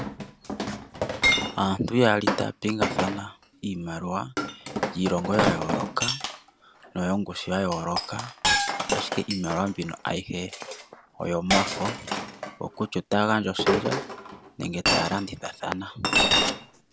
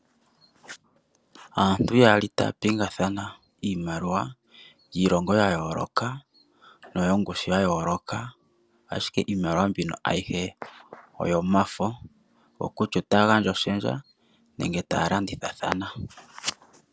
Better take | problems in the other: second | background sound (Chink, clink); as loud as the speech

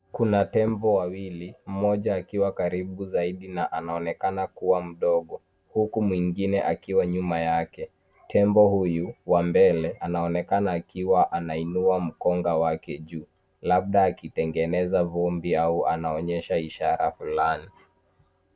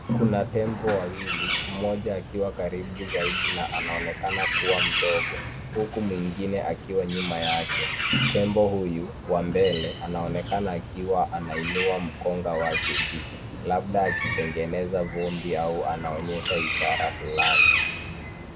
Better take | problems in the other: first | background sound (Bird); 1 dB below the speech

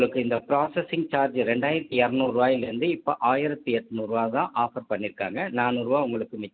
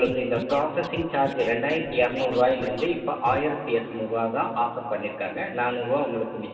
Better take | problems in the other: first | background sound (Scratching (performance technique)); 15 dB below the speech // room echo; dies away in 2.5 s

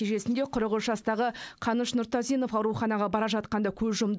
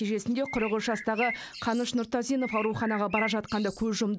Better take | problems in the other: first | background sound (Bird); 10 dB below the speech

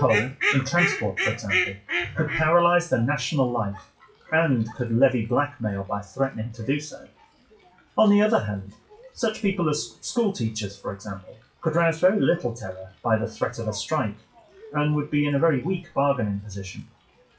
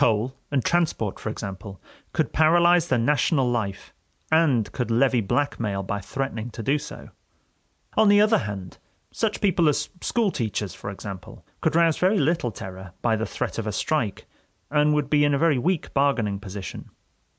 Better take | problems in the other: second | noise reduction (classical method WPE with log-MMSE)

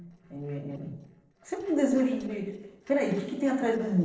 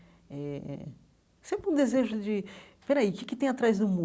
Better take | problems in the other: second | noise reduction (neural separator model SepFormer DNS4)

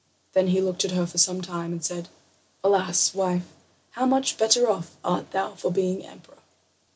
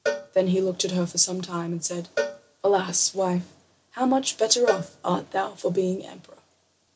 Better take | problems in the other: first | background sound (Cowbell); 10 dB below the speech

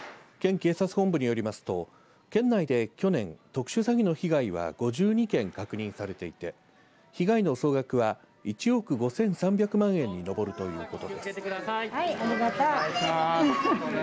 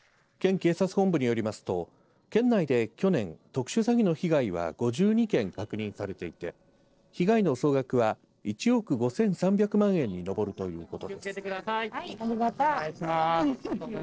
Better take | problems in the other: first | noise reduction (neural separator model SepFormer DNS4)

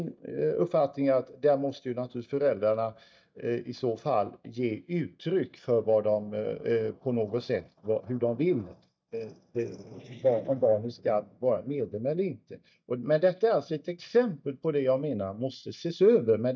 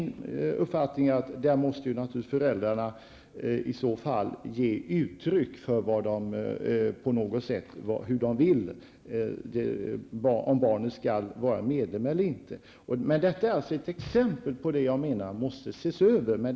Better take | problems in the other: second | noise reduction (neural mask model DeepFilterNet 3)

